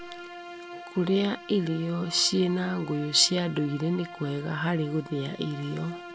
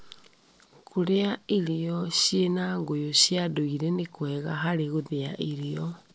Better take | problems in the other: second | background sound (Bowed string instrument); 15 dB below the speech

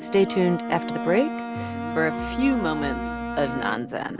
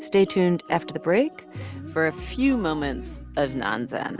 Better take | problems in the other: second | background sound (Bowed string instrument); 6 dB below the speech

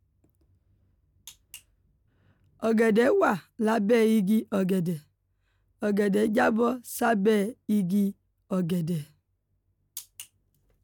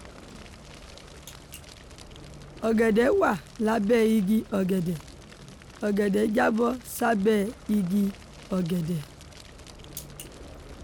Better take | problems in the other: first | background sound (Fire); 18 dB below the speech

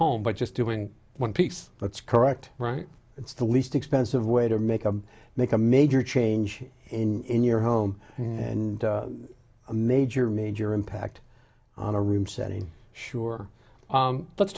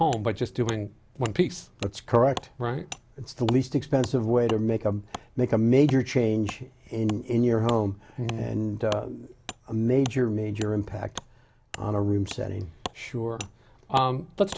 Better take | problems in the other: first | background sound (Wood); 17 dB below the speech

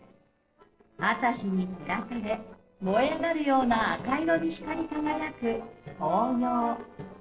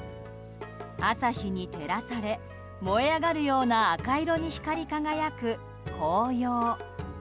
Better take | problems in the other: second | noise reduction (neural separator model SepFormer DNS4)

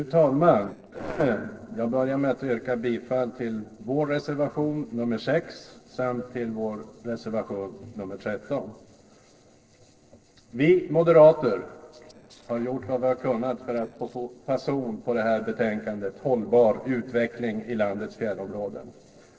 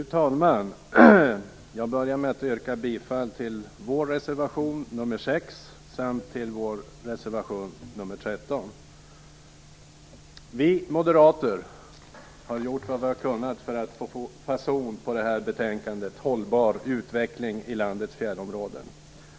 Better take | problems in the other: second | noise reduction (neural separator model SepFormer DNS4)

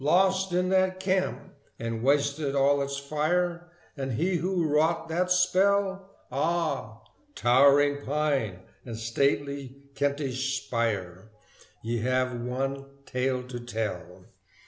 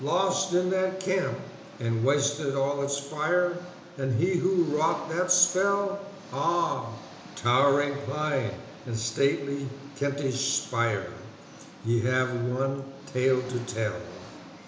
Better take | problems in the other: first | background sound (Engine); 18 dB below the speech // room echo; dies away in 0.8 s

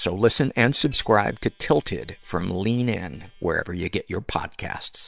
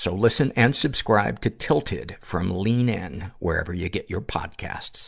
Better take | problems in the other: second | noise reduction (neural separator model SepFormer WHAM!)

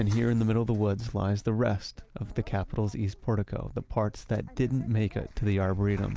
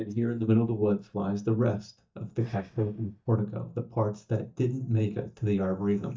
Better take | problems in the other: first | noise reduction (neural mask model DeepFilterNet 3)

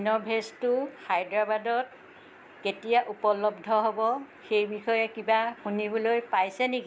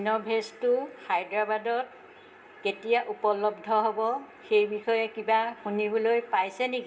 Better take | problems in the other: first | room echo; dies away in 0.5 s

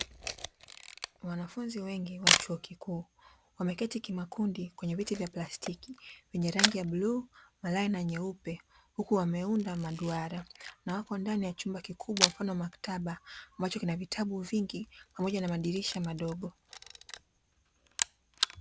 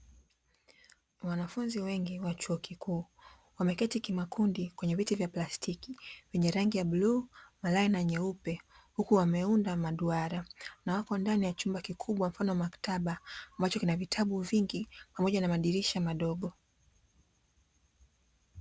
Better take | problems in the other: second | background sound (Camera); 4 dB below the speech

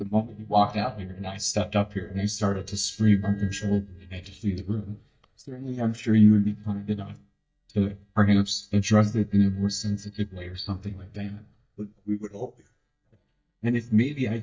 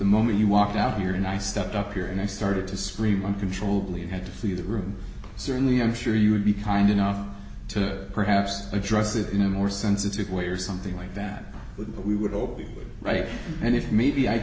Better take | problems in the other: second | noise reduction (neural mask model DeepFilterNet 3)

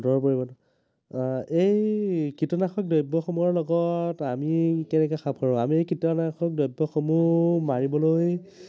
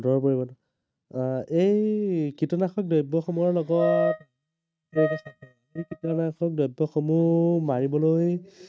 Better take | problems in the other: first | noise reduction (neural mask model RNNoise)

